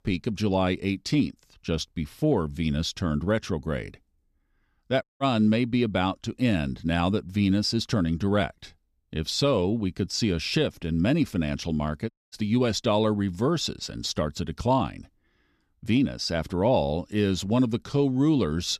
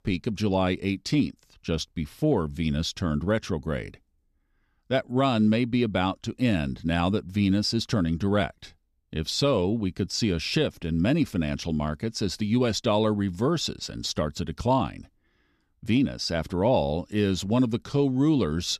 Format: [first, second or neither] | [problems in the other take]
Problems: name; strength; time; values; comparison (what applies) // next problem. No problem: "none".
second | audio cutting out; at 5 s and at 12 s